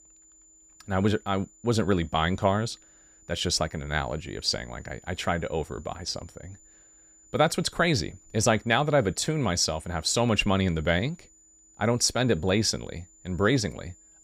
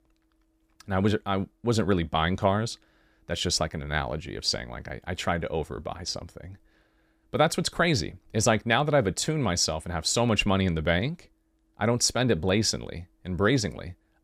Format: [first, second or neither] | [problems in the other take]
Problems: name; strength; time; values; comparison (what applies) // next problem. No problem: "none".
second | high-pitched whine; faint; throughout; 7 kHz, 25 dB below the speech